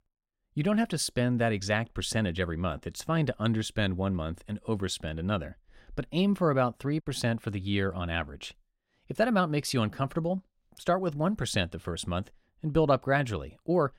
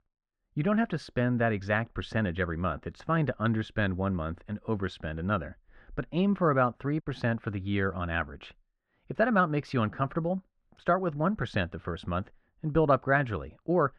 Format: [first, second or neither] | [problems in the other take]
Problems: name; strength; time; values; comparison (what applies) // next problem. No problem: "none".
first | muffled; very; fading above 2 kHz